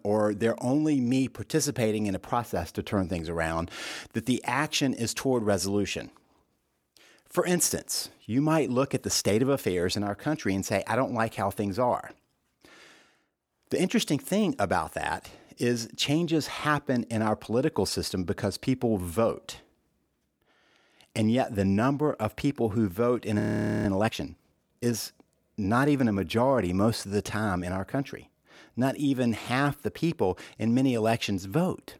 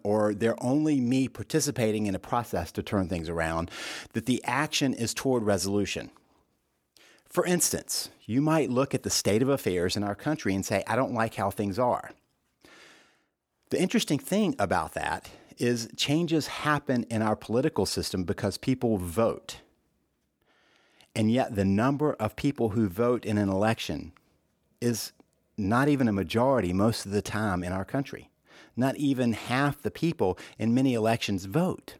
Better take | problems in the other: second | audio freezing; at 23 s

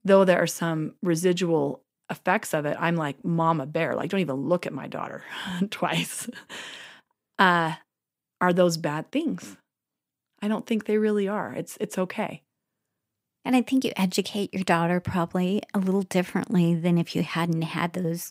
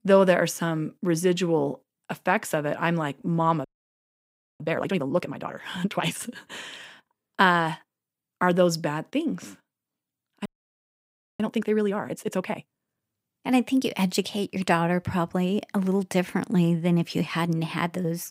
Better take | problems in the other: first | audio freezing; at 3.5 s for 1 s and at 10 s for 1 s

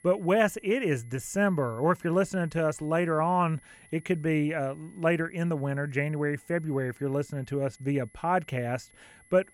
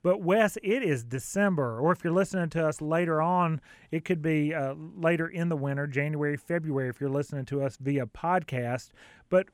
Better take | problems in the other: second | high-pitched whine; faint; throughout; 2 kHz, 30 dB below the speech

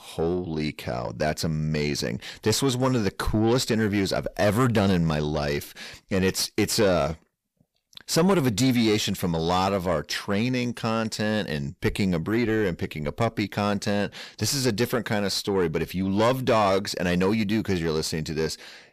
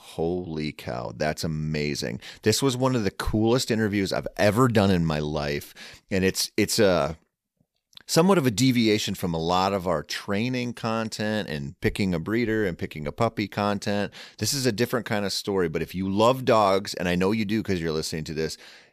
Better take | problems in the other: second | distortion; slight; 10 dB below the speech

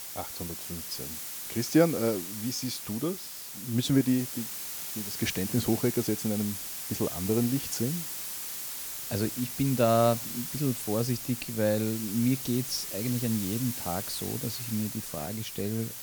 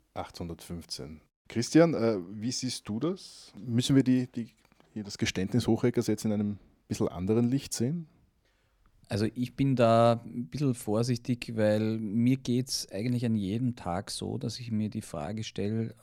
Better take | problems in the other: second | hiss; loud; throughout; 5 dB below the speech

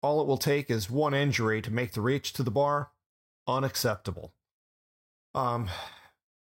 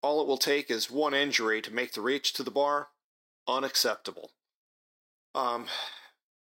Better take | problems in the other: first | thin; somewhat; fading below 300 Hz

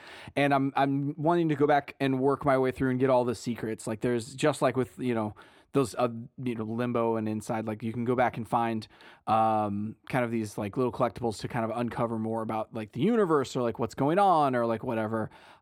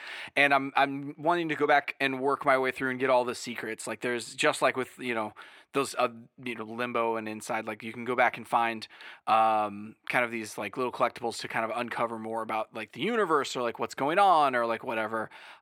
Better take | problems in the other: first | thin; somewhat; fading below 750 Hz

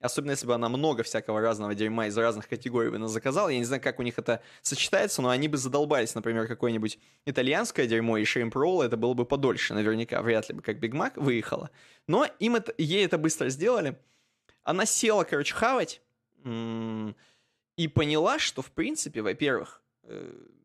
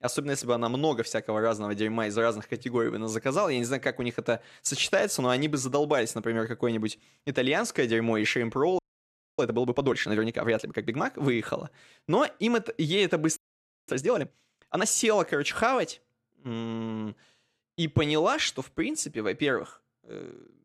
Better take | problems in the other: first | audio freezing; at 9 s for 0.5 s and at 13 s for 0.5 s

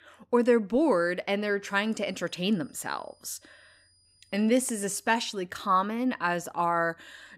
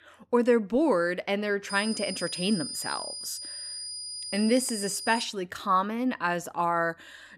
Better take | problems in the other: first | high-pitched whine; loud; from 1.5 to 5 s; 5 kHz, 7 dB below the speech; faint in the first

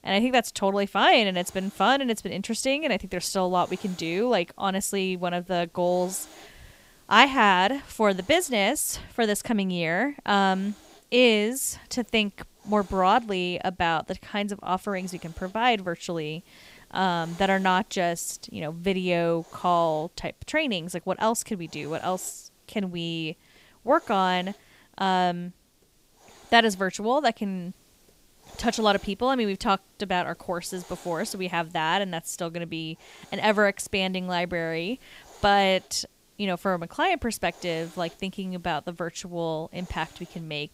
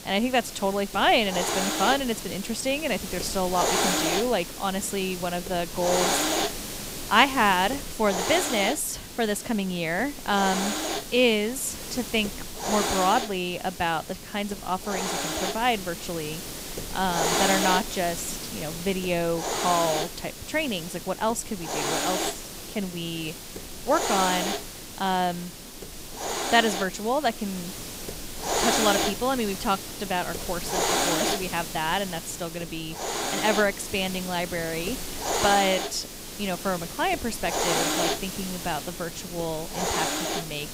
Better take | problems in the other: first | hiss; loud; throughout; 3 dB below the speech; faint in the first

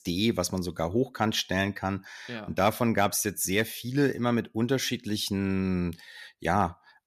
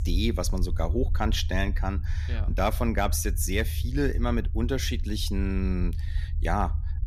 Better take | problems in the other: first | low rumble; noticeable; throughout; 20 dB below the speech

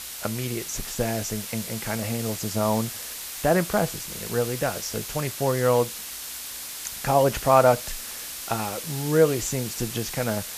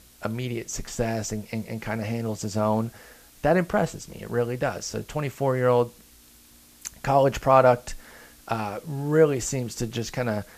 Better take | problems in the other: second | hiss; loud; throughout; 7 dB below the speech; faint in the second

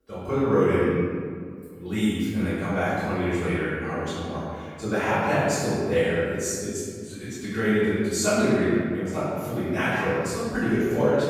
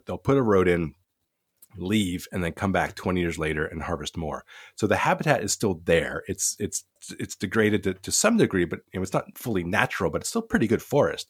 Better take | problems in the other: second | off-mic speech; far // room echo; strong; dies away in 1.7 s

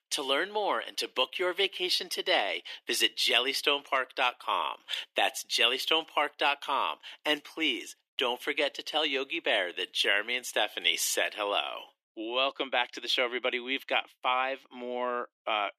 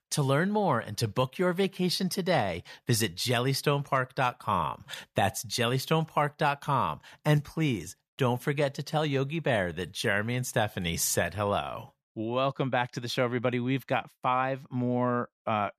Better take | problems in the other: second | thin; very; fading below 300 Hz

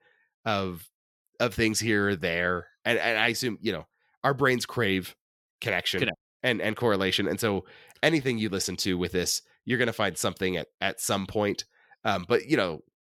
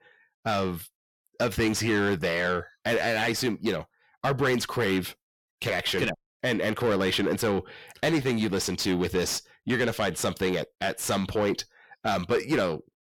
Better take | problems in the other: first | distortion; heavy; 7 dB below the speech

